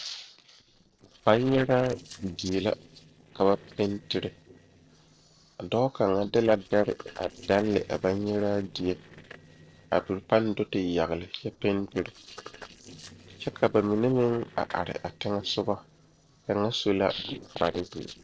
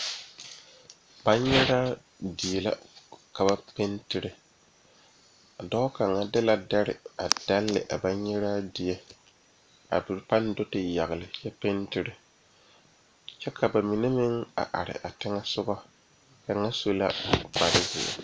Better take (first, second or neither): second